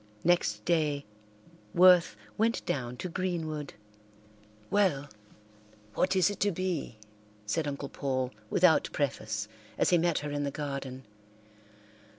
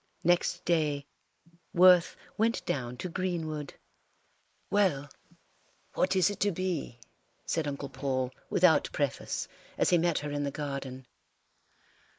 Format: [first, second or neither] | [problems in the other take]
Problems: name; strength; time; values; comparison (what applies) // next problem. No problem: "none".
first | noise reduction (neural mask model Resemble Enhance denoiser)